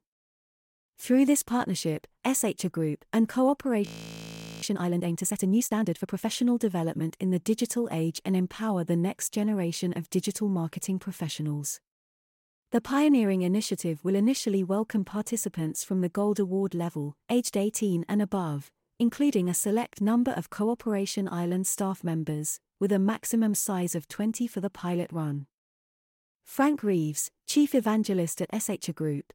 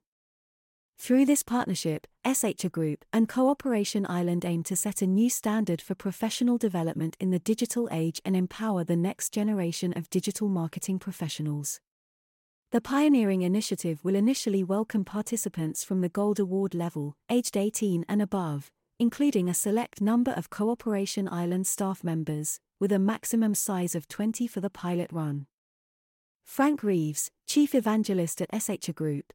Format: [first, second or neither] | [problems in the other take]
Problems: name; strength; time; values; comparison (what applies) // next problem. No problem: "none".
second | audio freezing; at 4 s for 1 s